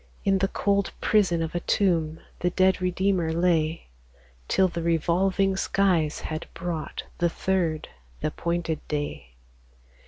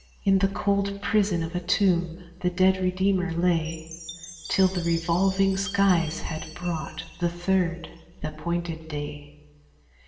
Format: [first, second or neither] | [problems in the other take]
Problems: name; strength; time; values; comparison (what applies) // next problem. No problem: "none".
first | background sound (Chime); 19 dB below the speech // room echo; dies away in 0.9 s